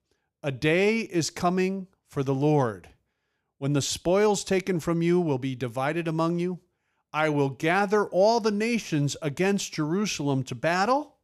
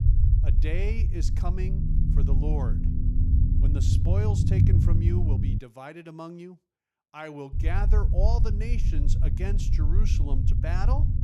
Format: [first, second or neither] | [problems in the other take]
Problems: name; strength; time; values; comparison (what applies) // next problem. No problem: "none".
first | low rumble; loud; until 5.5 s and from 7.5 s on; 2 dB below the speech